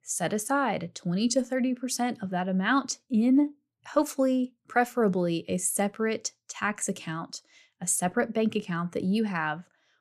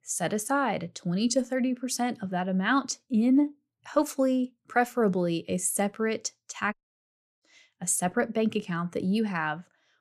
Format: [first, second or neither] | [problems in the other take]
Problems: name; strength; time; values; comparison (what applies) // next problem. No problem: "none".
first | audio cutting out; at 6.5 s for 0.5 s